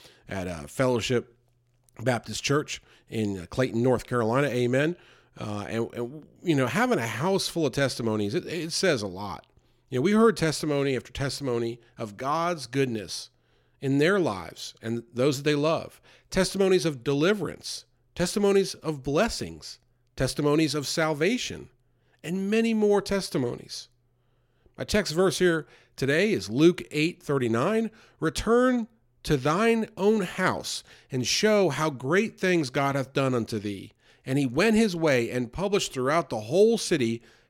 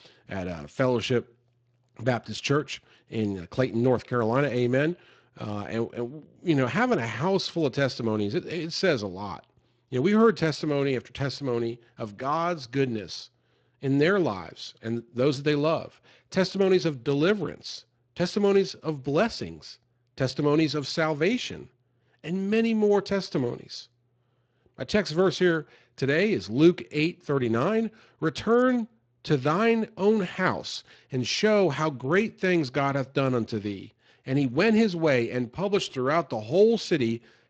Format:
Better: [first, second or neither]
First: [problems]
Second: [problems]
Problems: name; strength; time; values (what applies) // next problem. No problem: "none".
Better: first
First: none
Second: garbled, watery; slightly